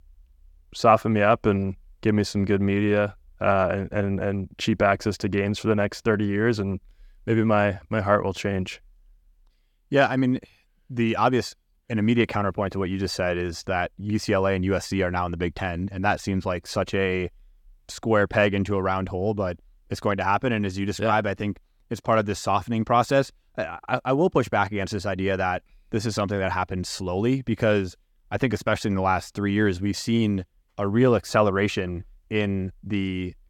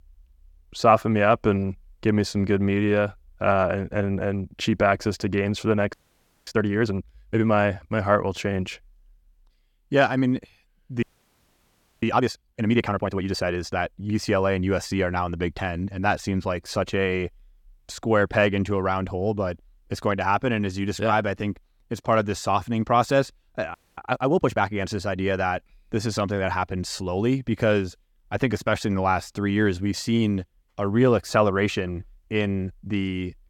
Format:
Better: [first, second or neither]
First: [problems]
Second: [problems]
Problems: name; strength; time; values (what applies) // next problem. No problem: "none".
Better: first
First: none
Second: audio freezing; at 6 s for 0.5 s, at 11 s for 1 s and at 24 s